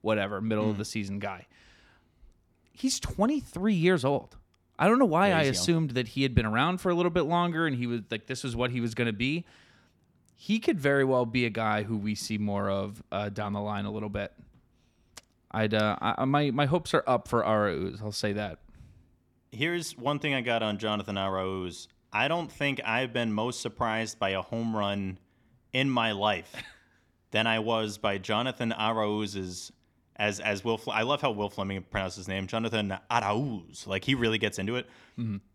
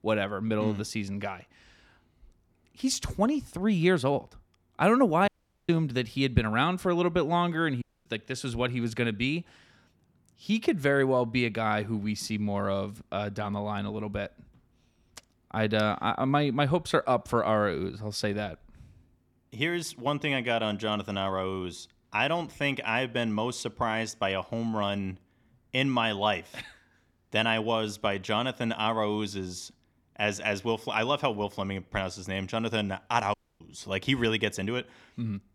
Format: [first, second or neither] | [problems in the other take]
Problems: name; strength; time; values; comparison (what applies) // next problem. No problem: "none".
first | audio cutting out; at 5.5 s, at 8 s and at 33 s